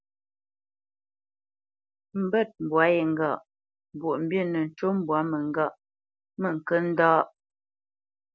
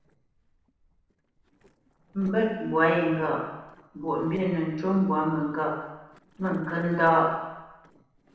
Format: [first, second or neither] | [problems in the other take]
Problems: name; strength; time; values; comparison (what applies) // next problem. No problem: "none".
first | noise reduction (neural separator model SepFormer DNS4)